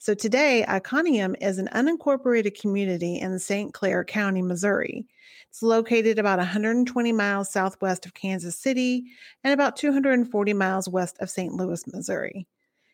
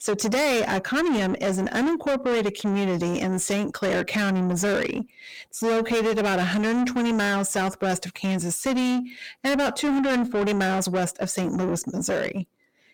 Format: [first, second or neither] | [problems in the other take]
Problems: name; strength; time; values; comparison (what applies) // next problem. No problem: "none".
first | distortion; heavy; 7 dB below the speech